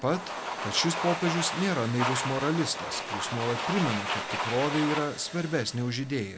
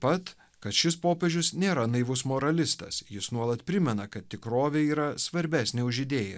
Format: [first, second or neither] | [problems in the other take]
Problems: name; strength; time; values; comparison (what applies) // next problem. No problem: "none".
second | background sound (Domestic sounds, home sounds); 4 dB below the speech